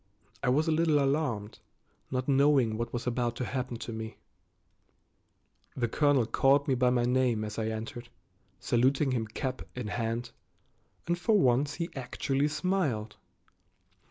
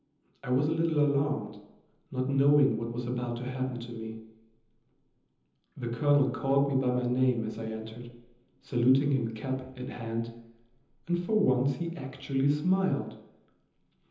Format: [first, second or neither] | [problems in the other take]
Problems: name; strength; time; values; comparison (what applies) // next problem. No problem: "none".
first | room echo; dies away in 0.9 s